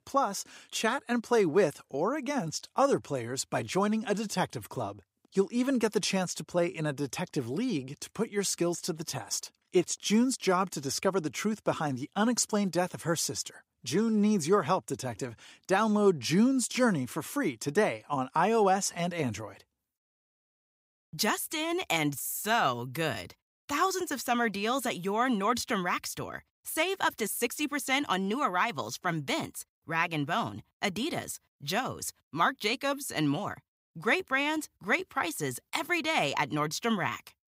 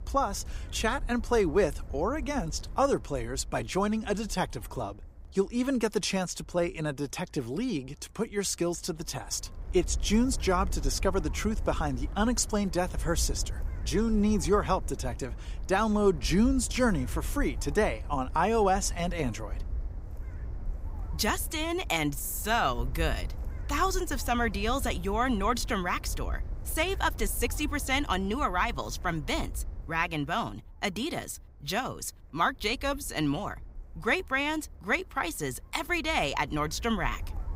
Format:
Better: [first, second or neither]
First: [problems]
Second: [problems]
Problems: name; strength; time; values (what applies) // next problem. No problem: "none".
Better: first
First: none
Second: wind noise on the microphone; occasional gusts; 25 dB below the speech